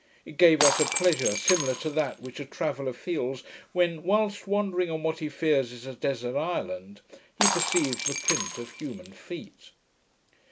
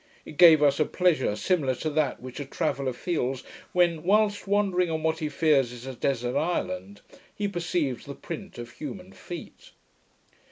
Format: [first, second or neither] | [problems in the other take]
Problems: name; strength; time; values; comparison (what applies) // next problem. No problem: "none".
second | background sound (Shatter); 2 dB below the speech